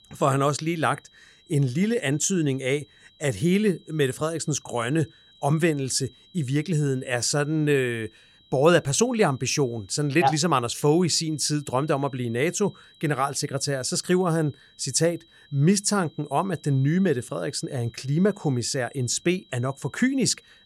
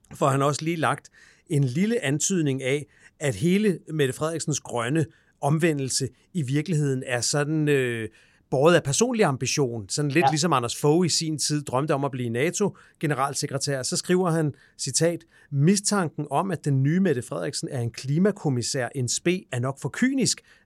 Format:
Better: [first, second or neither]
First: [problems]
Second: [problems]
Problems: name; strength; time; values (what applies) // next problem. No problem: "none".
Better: second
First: high-pitched whine; faint; throughout; 4 kHz, 30 dB below the speech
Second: none